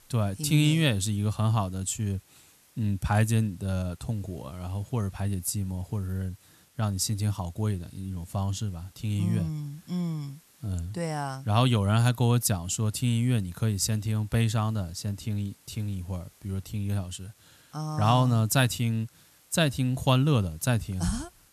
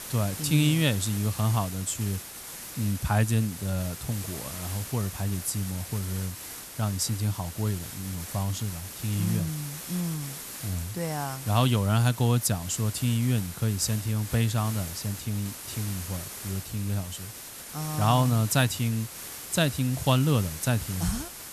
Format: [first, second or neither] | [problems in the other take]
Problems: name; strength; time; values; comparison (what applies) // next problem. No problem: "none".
first | hiss; loud; throughout; 9 dB below the speech; faint in the first